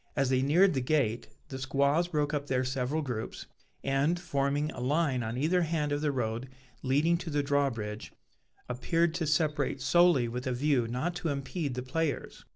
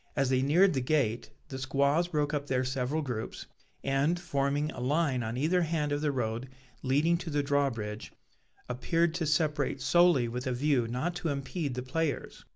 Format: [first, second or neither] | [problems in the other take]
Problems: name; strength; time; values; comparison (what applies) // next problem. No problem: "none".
second | noise reduction (neural separator model SepFormer DNS4)